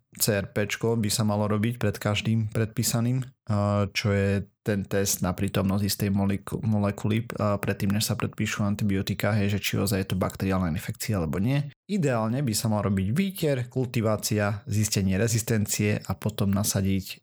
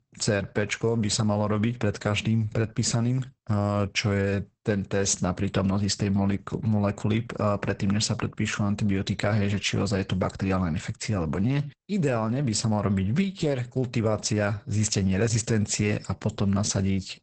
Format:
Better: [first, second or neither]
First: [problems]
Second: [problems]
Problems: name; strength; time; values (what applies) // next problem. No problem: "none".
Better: first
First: none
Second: garbled, watery; badly; nothing above 8 kHz